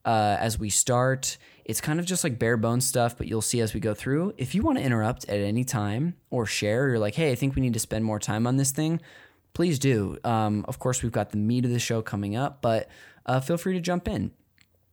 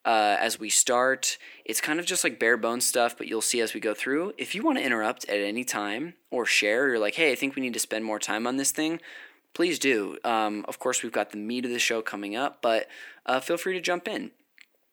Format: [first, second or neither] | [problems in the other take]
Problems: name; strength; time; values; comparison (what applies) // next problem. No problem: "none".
first | thin; somewhat; fading below 300 Hz